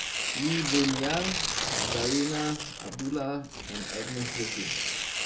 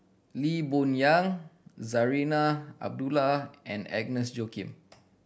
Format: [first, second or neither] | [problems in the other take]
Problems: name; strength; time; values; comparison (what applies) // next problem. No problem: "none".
second | background sound (Tearing); as loud as the speech // room echo; dies away in 0.2 s